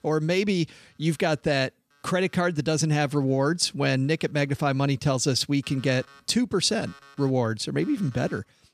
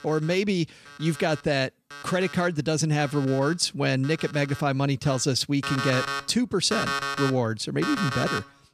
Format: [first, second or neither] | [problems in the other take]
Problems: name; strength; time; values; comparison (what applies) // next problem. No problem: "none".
first | alarms or sirens; loud; throughout; 6 dB below the speech; faint in the first